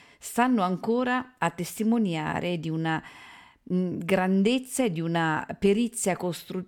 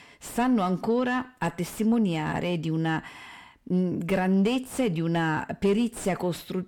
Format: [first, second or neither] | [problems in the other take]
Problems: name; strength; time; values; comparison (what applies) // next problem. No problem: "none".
first | distortion; slight; 10 dB below the speech